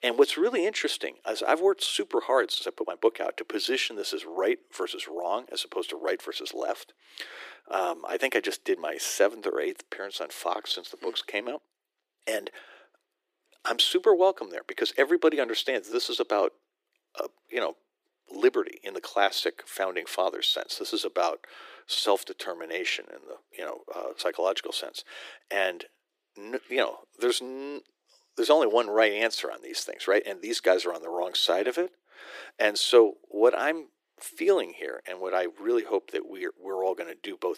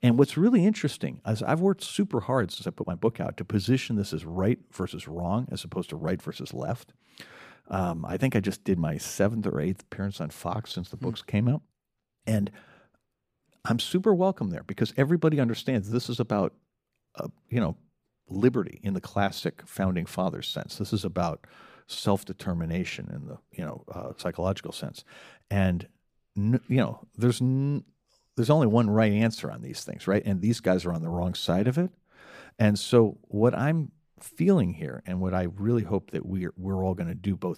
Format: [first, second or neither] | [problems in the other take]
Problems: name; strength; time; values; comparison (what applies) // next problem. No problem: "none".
second | thin; very; fading below 350 Hz